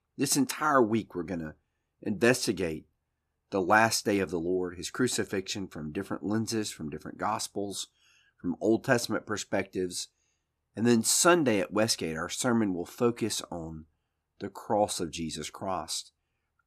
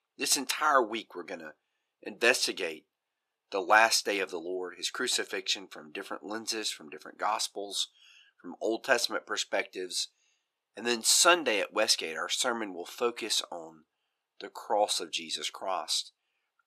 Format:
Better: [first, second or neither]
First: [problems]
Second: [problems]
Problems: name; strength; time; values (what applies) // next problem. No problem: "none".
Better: first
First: none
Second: thin; somewhat; fading below 550 Hz